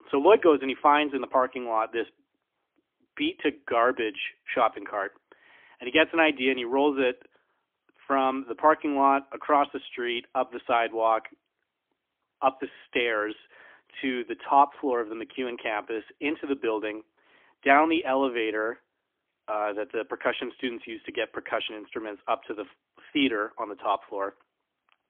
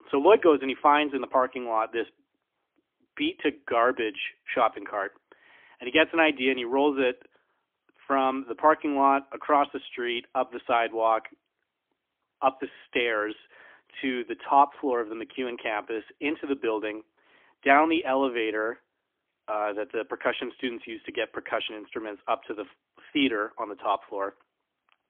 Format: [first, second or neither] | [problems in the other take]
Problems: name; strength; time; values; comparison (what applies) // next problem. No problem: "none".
neither | phone-call audio; poor line; nothing above 3.5 kHz; the same in both